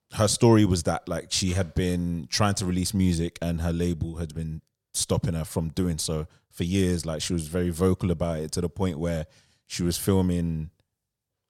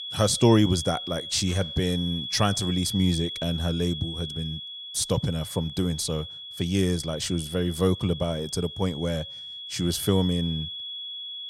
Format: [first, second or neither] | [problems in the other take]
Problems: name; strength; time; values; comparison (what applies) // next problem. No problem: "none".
first | high-pitched whine; loud; throughout; 3.5 kHz, 8 dB below the speech